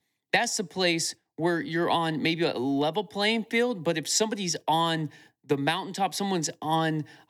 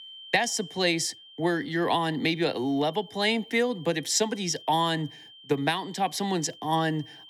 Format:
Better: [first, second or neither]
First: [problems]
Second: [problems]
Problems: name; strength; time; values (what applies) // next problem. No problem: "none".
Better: first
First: none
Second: high-pitched whine; noticeable; throughout; 3 kHz, 20 dB below the speech